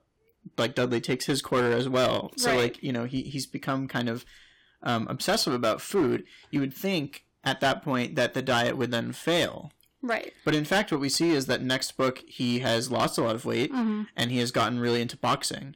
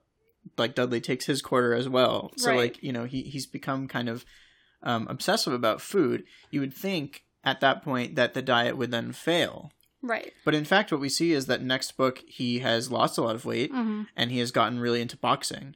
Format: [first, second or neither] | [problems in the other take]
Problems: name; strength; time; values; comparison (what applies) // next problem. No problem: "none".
second | distortion; slight; 6% of the sound clipped